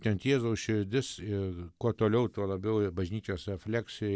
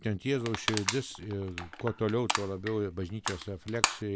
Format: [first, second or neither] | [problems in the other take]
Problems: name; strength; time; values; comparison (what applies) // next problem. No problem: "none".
first | background sound (Crushing); 3 dB below the speech